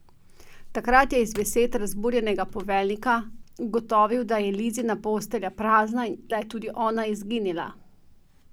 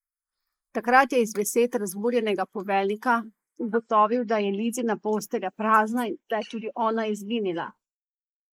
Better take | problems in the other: first | noise reduction (neural mask model Resemble Enhance denoiser)

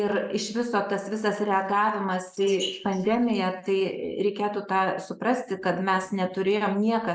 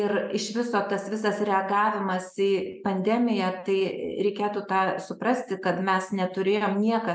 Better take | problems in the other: second | noise reduction (neural mask model Resemble Enhance denoiser)

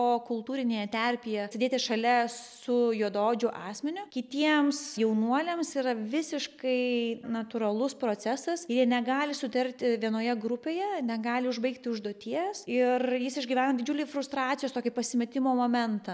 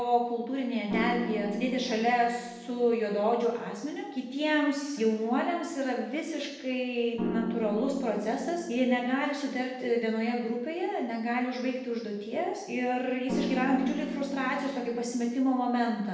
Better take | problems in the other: first | background sound (Piano); 6 dB below the speech // room echo; dies away in 0.9 s

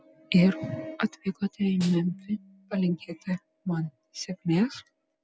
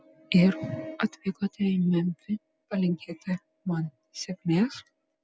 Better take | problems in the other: second | background sound (Snare drum); 17 dB below the speech

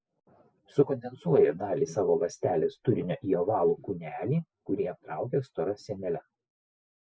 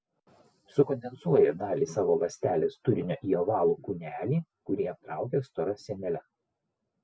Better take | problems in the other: second | noise reduction (neural mask model Resemble Enhance denoiser)

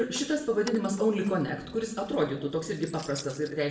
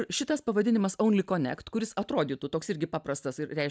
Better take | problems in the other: second | background sound (Keys jangling); 20 dB below the speech // room echo; dies away in 0.7 s

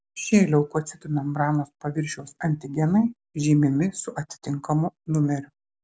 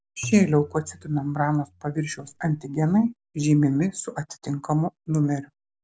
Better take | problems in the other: first | background sound (Tabla); 19 dB below the speech

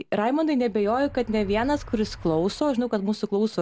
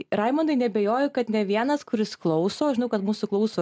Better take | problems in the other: second | background sound (Motor vehicle (road)); 19 dB below the speech

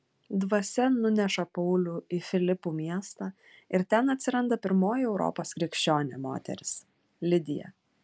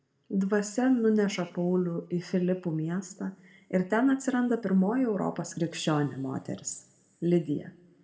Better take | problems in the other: first | room echo; dies away in 0.7 s

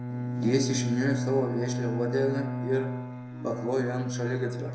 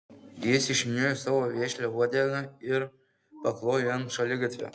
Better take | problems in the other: second | background sound (Bowed string instrument); 2 dB below the speech // room echo; dies away in 0.6 s

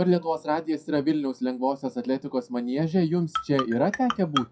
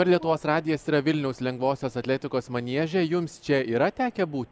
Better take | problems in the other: second | noise reduction (classical method WPE with log-MMSE)

